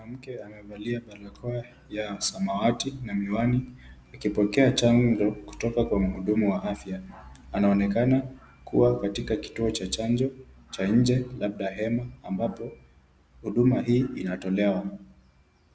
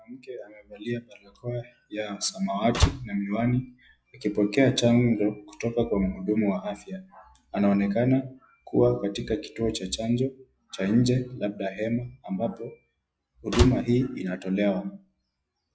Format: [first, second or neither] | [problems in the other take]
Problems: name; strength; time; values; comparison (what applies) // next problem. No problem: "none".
first | noise reduction (classical method log-MMSE)